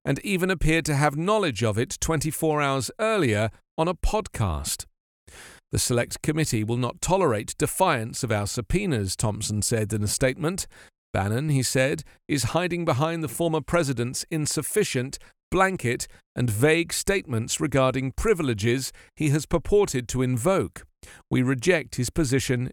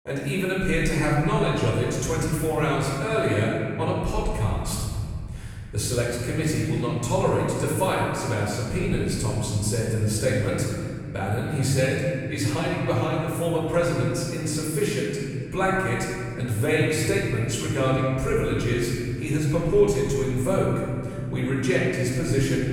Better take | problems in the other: first | off-mic speech; far // room echo; strong; dies away in 2.9 s

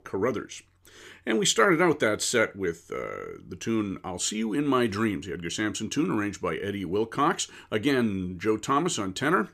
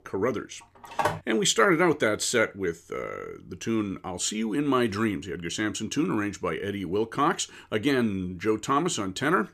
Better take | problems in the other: first | phone ringing; noticeable; at 1 s; peak 2 dB below the speech

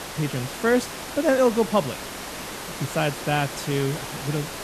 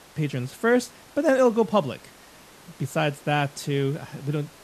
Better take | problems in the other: second | hiss; loud; throughout; 8 dB below the speech; faint in the second

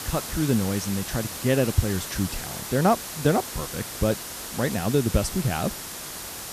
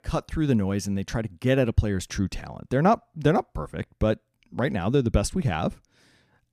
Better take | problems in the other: second | hiss; loud; throughout; 7 dB below the speech

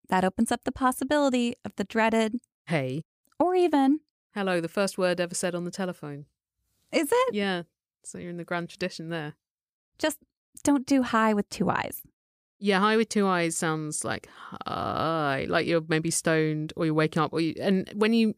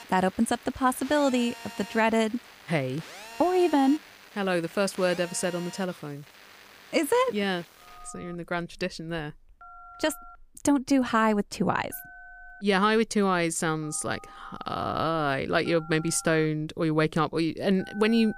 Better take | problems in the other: first | alarms or sirens; noticeable; throughout; 20 dB below the speech

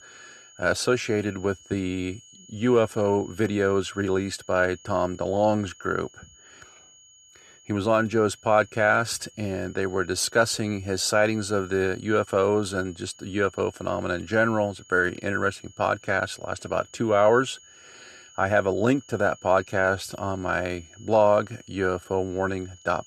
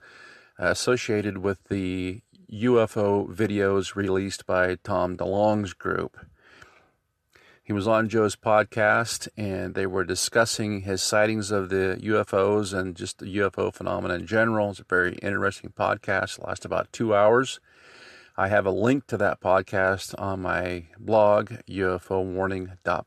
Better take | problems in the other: second | high-pitched whine; faint; throughout; 6.5 kHz, 25 dB below the speech

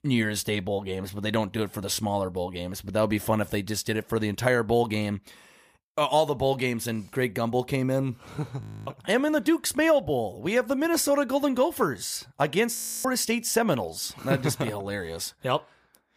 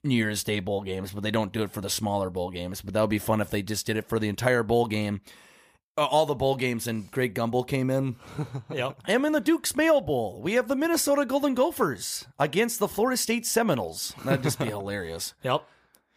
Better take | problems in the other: second | audio freezing; at 8.5 s and at 13 s

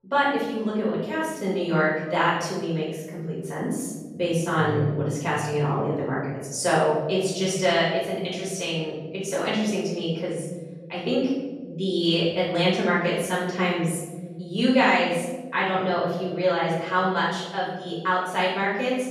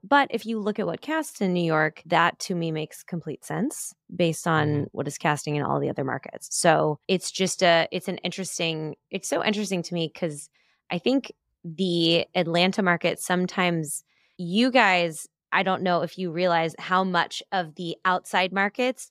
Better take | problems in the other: second | off-mic speech; far // room echo; noticeable; dies away in 1.4 s

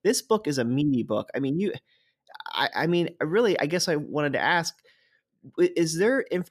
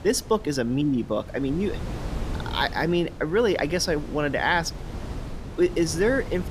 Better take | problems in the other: first | wind noise on the microphone; occasional gusts; 15 dB below the speech

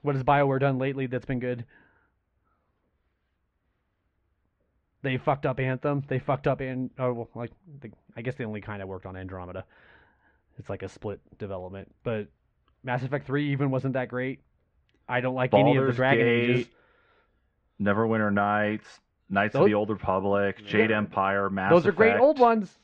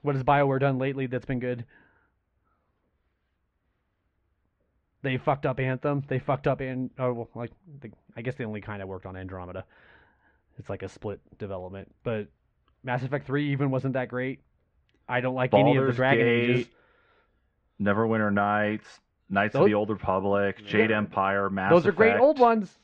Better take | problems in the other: neither | muffled; very; fading above 2.5 kHz; the same in both

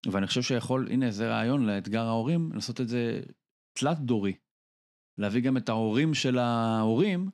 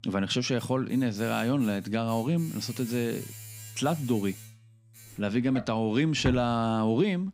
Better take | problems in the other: first | household noises; noticeable; throughout; 15 dB below the speech

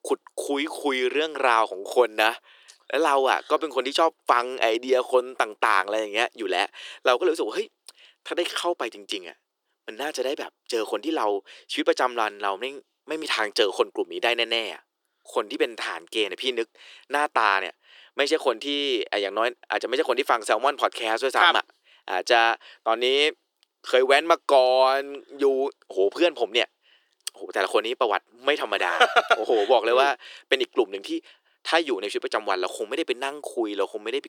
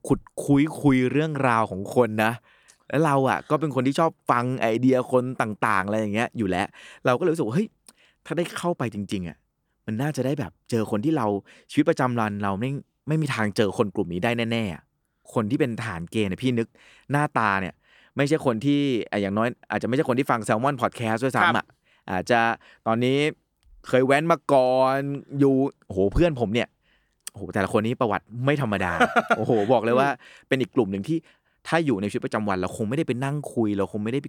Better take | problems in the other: second | thin; very; fading below 350 Hz

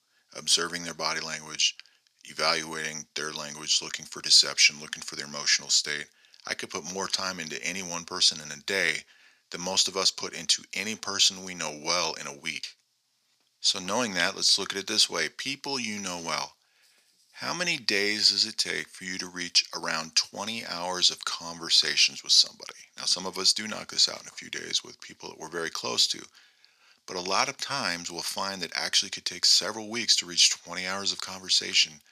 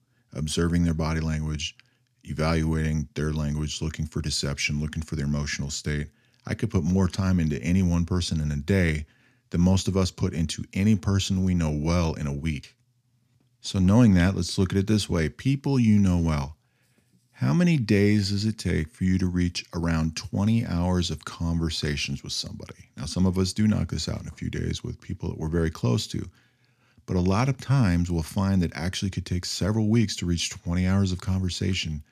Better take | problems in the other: second | thin; very; fading below 700 Hz

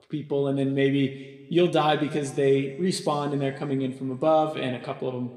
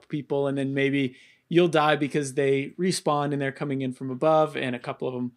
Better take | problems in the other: second | room echo; very slight; dies away in 1.2 s

